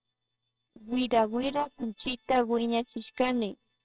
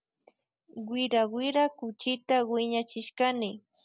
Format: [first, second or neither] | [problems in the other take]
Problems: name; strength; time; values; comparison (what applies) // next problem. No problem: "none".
second | noise reduction (neural separator model SepFormer WHAMR!)